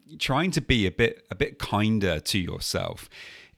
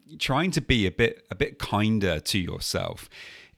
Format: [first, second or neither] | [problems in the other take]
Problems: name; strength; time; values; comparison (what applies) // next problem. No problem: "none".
neither | none